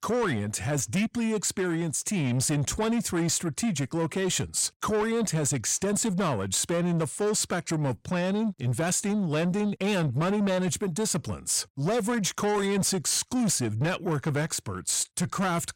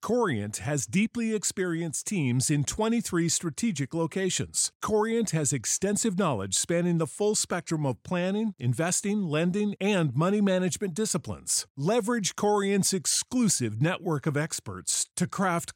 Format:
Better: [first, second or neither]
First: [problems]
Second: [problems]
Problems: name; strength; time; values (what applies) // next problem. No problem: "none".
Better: second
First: distortion; slight; 10 dB below the speech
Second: none